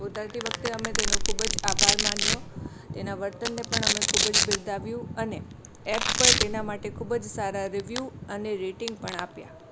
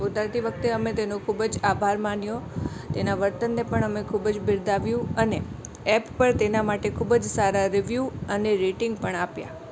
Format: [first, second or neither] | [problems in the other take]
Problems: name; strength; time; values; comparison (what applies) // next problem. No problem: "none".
second | background sound (Domestic sounds, home sounds); 4 dB above the speech